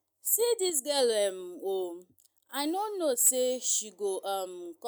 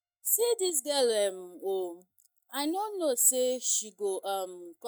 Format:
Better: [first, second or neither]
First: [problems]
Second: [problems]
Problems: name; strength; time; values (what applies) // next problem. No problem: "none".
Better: first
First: none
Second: noise reduction (neural mask model DeepFilterNet 3)